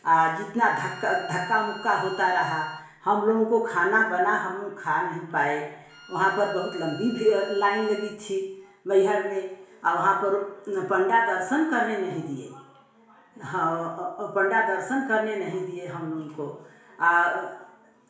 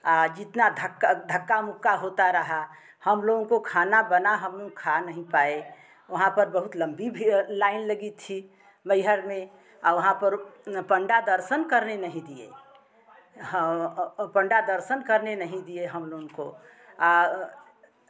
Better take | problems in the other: second | background sound (Bowed string instrument); 18 dB below the speech // room echo; dies away in 0.7 s

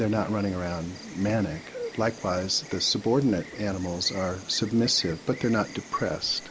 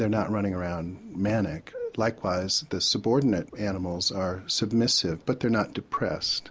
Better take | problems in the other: second | background sound (Insect); 17 dB below the speech

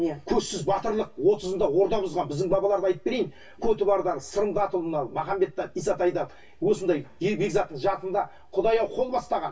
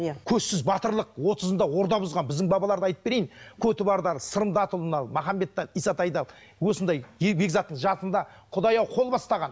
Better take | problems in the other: second | room echo; dies away in 0.1 s

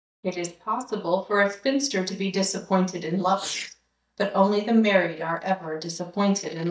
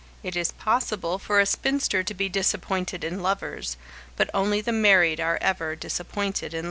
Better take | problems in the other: second | noise reduction (neural mask model DeepFilterNet 3)

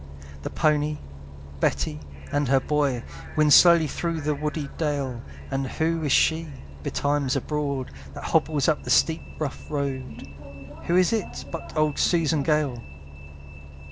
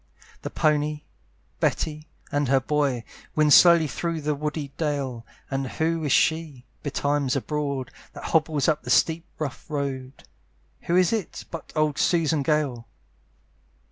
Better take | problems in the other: second | background sound (Bus); 12 dB below the speech

